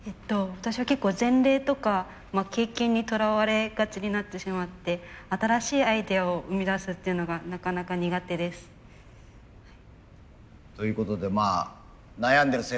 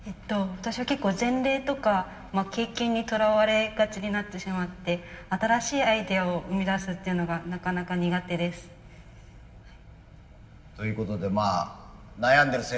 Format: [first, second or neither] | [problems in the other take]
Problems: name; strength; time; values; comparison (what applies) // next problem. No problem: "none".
first | room echo; dies away in 1.8 s